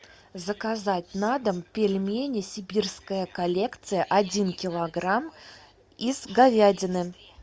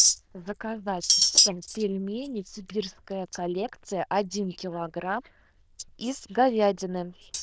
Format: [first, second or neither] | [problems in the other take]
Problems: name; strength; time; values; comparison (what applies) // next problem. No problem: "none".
first | noise reduction (neural diffusion model UNIVERSE++)